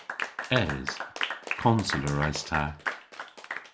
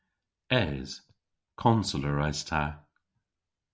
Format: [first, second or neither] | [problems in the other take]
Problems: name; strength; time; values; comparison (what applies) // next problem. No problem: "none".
second | background sound (Applause / Clapping); 5 dB below the speech